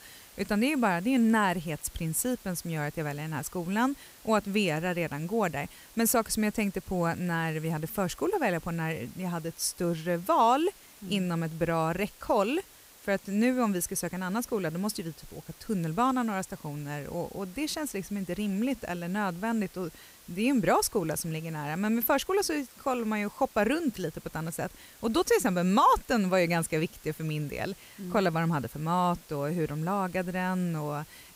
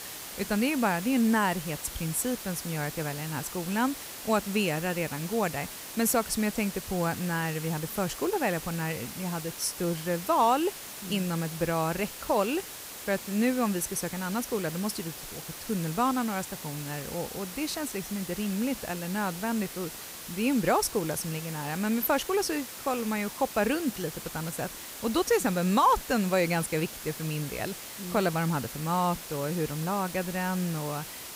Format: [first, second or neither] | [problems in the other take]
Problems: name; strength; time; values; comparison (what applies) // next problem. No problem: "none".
first | hiss; loud; throughout; 9 dB below the speech; faint in the first